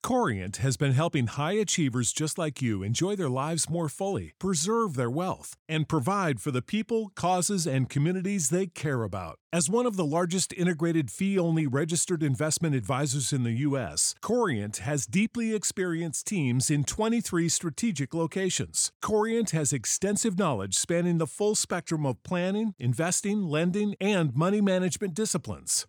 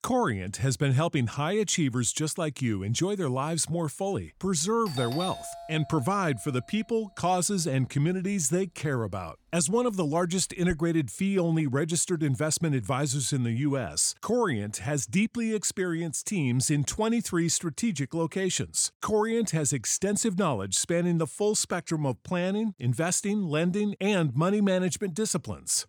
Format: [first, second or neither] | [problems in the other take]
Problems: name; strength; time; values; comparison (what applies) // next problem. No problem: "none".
first | doorbell; noticeable; from 5 to 11 s; peak 7 dB below the speech